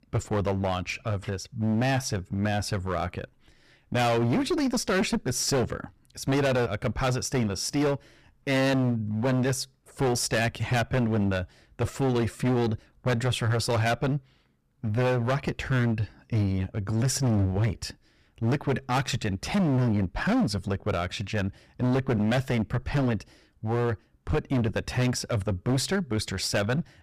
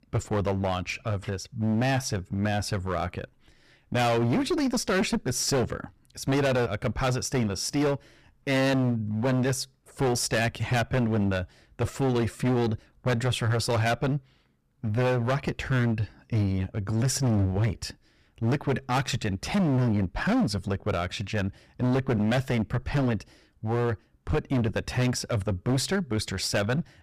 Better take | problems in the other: neither | distortion; heavy; 16% of the sound clipped; the same in both

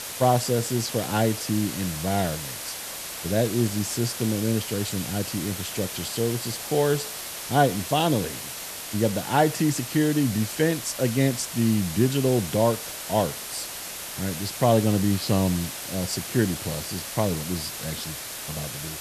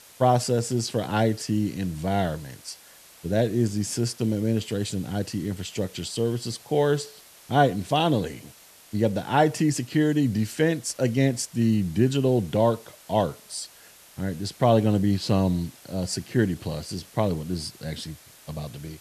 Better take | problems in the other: second | hiss; loud; throughout; 7 dB below the speech; faint in the second

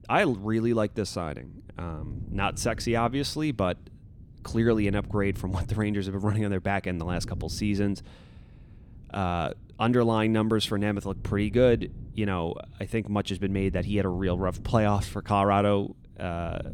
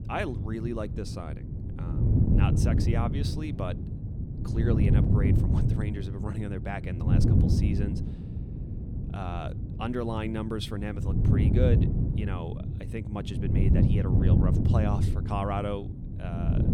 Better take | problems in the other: first | wind noise on the microphone; heavy; 2 dB below the speech; occasional gusts in the first

